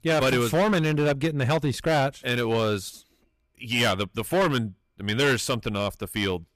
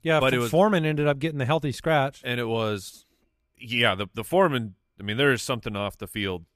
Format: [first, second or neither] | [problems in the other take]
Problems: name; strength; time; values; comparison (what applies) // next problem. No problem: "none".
second | distortion; heavy; 10% of the sound clipped